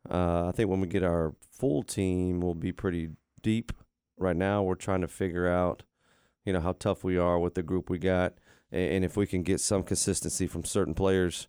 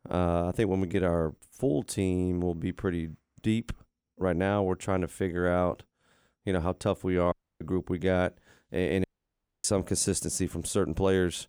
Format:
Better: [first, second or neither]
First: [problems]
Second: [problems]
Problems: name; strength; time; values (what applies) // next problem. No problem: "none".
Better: first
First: none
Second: audio cutting out; at 7.5 s and at 9 s for 0.5 s